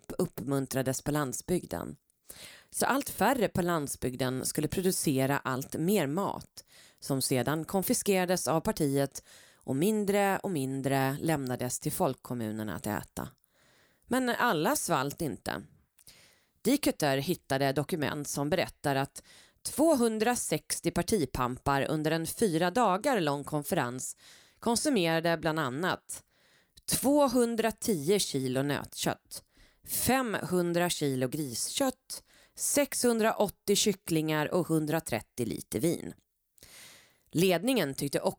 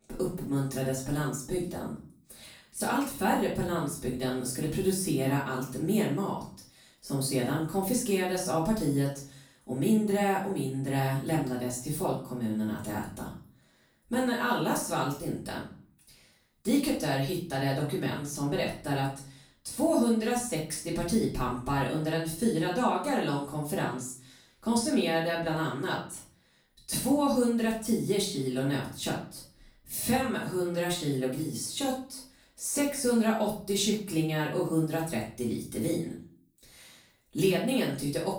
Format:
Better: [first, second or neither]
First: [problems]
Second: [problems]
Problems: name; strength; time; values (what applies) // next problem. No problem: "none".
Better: first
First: none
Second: off-mic speech; far // room echo; noticeable; dies away in 0.4 s